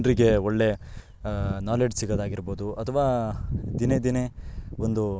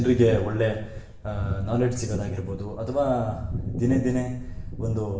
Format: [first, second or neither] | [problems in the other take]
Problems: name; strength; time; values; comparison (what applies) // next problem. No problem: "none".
first | room echo; dies away in 0.8 s